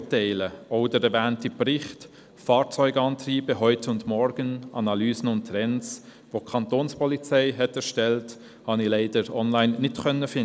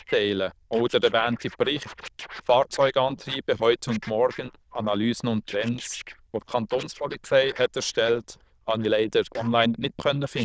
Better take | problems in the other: first | noise reduction (neural diffusion model UNIVERSE++)

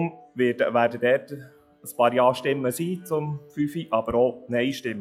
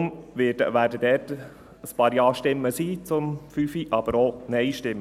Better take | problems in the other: second | noise reduction (classical method log-MMSE)

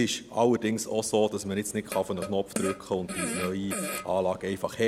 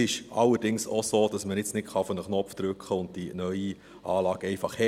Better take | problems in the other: second | background sound (Fart); 8 dB below the speech

